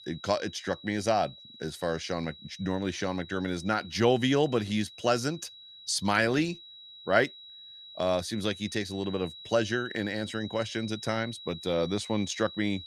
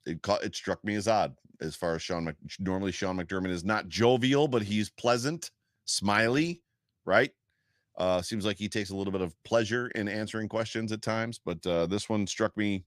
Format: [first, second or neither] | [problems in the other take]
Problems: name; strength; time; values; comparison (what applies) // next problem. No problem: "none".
second | high-pitched whine; noticeable; throughout; 4 kHz, 15 dB below the speech